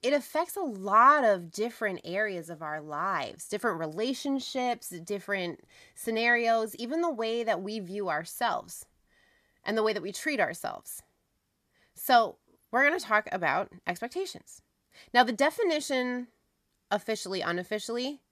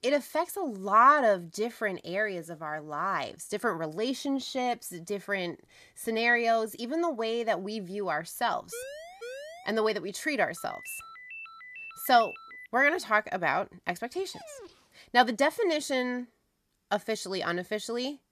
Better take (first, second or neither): first